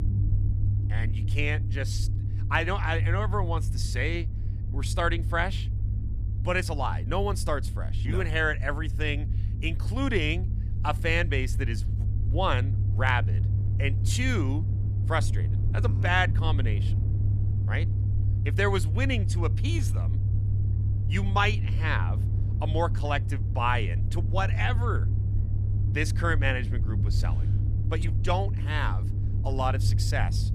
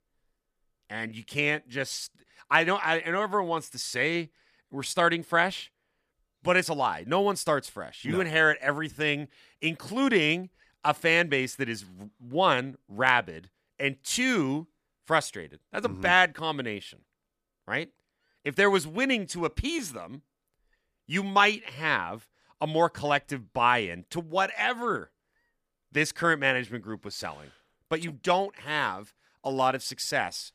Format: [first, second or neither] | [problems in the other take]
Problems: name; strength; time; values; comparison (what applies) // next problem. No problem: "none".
second | low rumble; noticeable; throughout; 15 dB below the speech